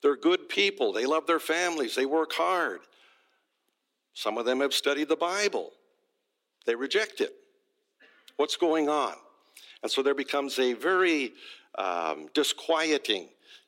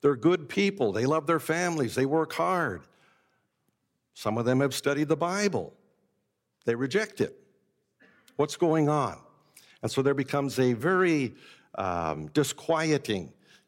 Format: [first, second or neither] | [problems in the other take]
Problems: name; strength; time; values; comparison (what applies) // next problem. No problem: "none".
second | thin; somewhat; fading below 300 Hz